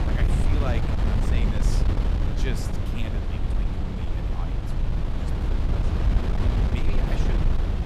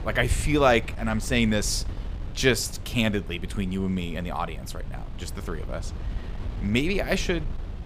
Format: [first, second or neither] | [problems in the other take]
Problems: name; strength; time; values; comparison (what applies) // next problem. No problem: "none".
second | wind noise on the microphone; heavy; 4 dB above the speech; occasional gusts in the second